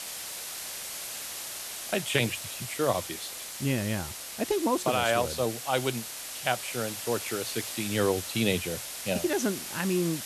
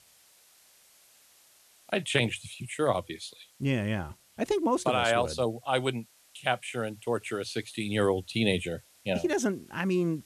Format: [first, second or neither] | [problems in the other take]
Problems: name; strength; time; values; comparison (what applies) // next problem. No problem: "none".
second | hiss; loud; throughout; 6 dB below the speech; faint in the second